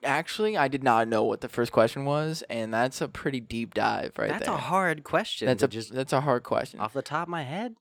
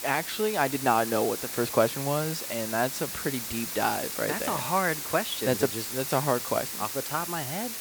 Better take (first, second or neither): first